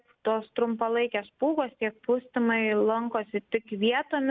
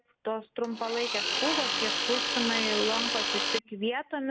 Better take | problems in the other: first | background sound (Tools); 3 dB above the speech

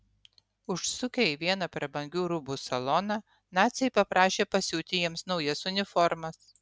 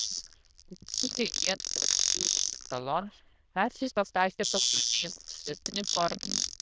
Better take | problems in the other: first | noise reduction (neural diffusion model UNIVERSE++)

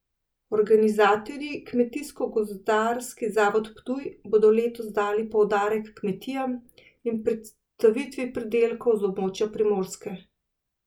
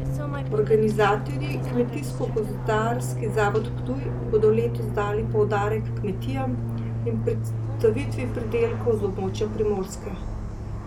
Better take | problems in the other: first | background sound (Fixed-wing aircraft, airplane); 2 dB below the speech

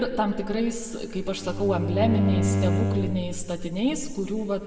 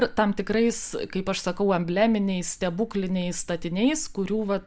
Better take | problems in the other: second | background sound (Bowed string instrument); as loud as the speech // room echo; dies away in 1.8 s

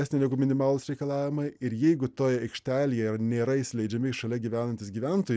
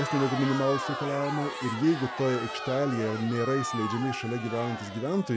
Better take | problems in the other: first | background sound (Crowd); 6 dB below the speech

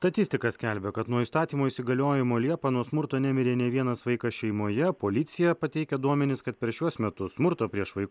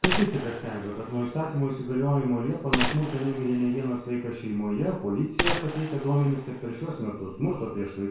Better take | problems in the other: first | background sound (Gunshot, gunfire); 6 dB below the speech // room echo; dies away in 0.6 s

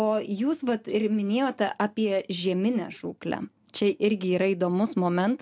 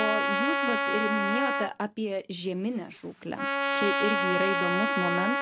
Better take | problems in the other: first | background sound (Trumpet); 2 dB above the speech

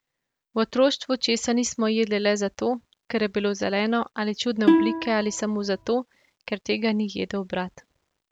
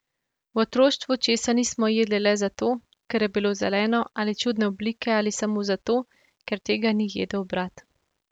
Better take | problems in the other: second | background sound (Plucked string instrument); 2 dB above the speech

